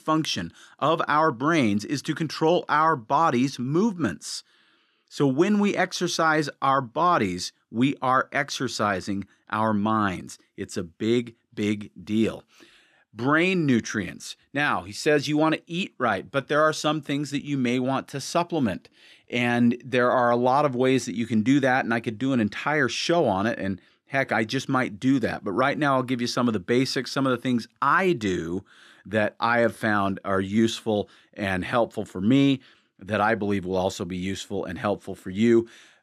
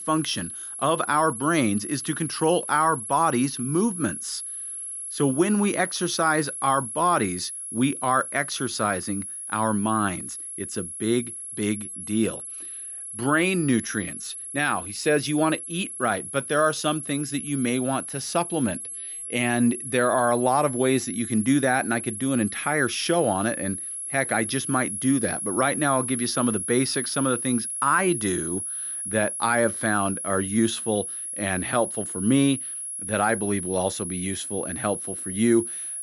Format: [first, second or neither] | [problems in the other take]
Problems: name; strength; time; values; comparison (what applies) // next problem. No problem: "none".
first | high-pitched whine; loud; throughout; 10.5 kHz, 6 dB below the speech